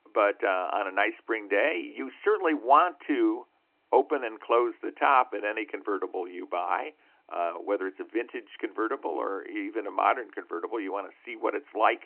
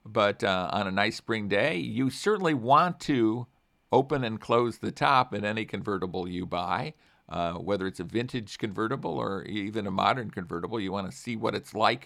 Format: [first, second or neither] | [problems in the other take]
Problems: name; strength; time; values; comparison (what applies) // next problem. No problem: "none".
second | phone-call audio